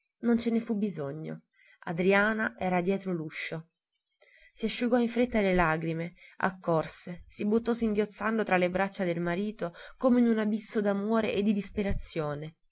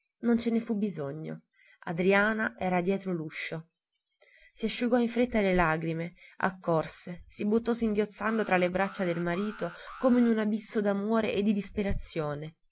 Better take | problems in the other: first | background sound (Alarm); 19 dB below the speech

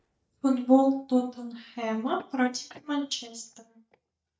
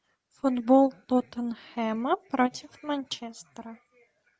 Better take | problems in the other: second | noise reduction (neural mask model DeepFilterNet 3)

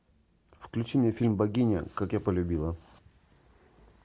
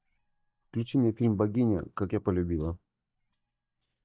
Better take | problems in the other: first | noise reduction (neural mask model DeepFilterNet 3)

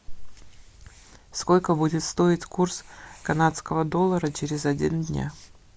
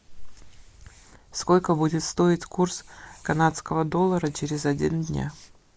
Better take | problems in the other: first | noise reduction (neural mask model Resemble Enhance denoiser)

